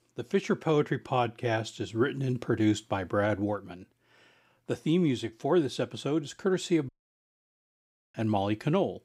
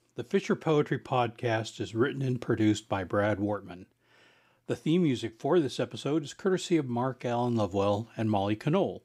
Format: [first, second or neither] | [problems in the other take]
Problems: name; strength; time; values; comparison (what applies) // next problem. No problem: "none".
second | audio cutting out; at 7 s for 1.5 s